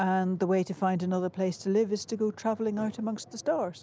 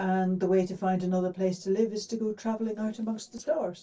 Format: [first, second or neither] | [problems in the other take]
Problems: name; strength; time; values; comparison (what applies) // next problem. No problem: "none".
first | noise reduction (neural separator model SepFormer DNS4)